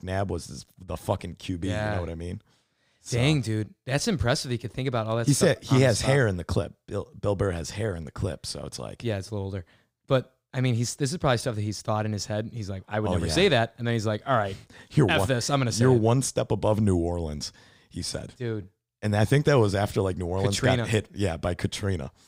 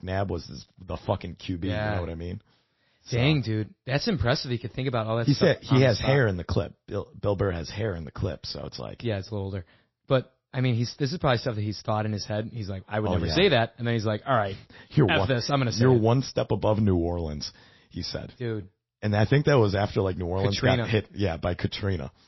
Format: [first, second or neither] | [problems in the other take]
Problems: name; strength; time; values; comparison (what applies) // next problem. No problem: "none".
first | garbled, watery; slightly; nothing above 5.5 kHz